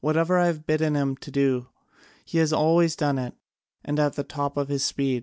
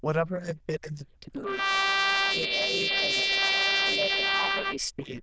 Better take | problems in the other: first | noise reduction (neural diffusion model UNIVERSE++)

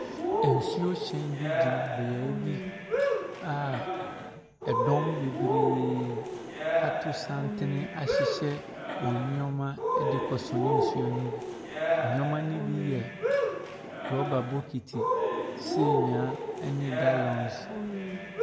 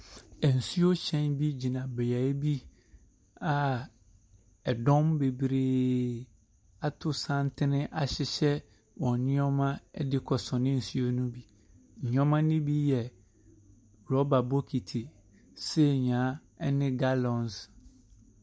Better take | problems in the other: second | background sound (Cheering); 2 dB above the speech // room echo; dies away in 1.3 s

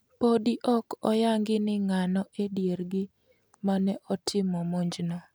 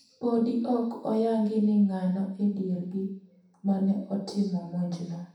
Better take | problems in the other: first | room echo; dies away in 0.7 s

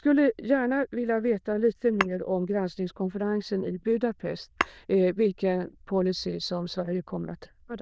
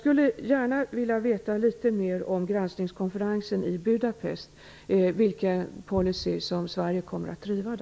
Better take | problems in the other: second | noise reduction (neural diffusion model UNIVERSE++)

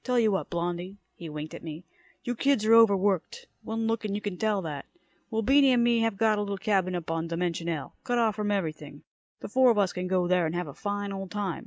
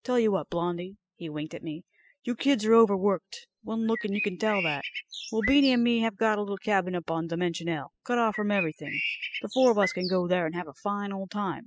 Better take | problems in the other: first | noise reduction (classical method spectral subtraction)

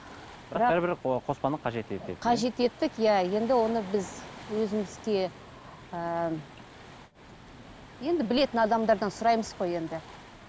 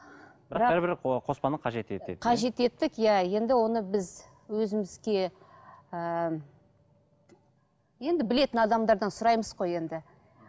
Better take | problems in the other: second | background sound (Waves, surf); 18 dB below the speech

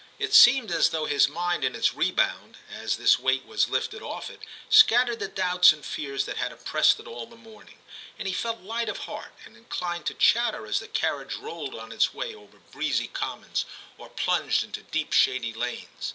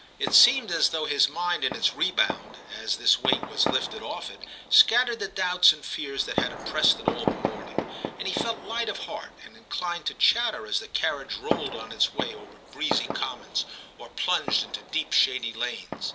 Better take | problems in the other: first | background sound (Fireworks); 7 dB below the speech

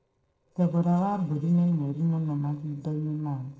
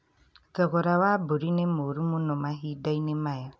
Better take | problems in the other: second | noise reduction (neural separator model SepFormer DNS4)

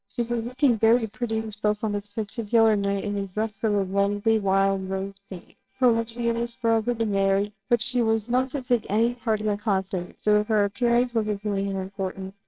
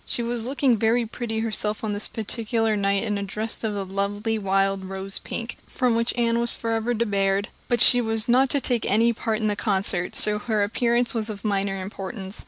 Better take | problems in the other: second | noise reduction (neural separator model SepFormer WHAMR!)

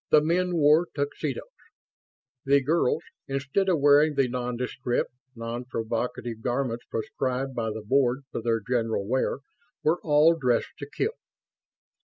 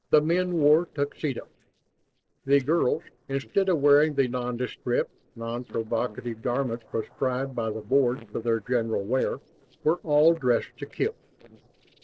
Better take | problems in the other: first | noise reduction (neural separator model SepFormer DNS4)

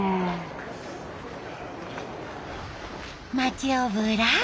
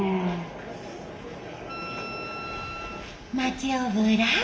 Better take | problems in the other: first | background sound (Wind instrument, woodwind instrument); 11 dB below the speech // room echo; dies away in 1.6 s

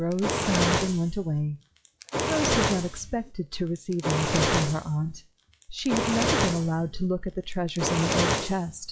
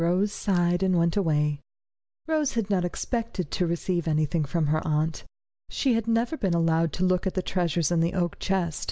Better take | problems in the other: second | noise reduction (classical method log-MMSE)

